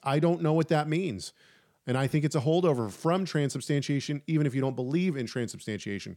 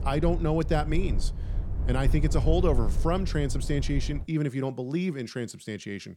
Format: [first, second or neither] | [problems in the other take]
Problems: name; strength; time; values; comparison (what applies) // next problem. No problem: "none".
first | low rumble; noticeable; until 4 s; 15 dB below the speech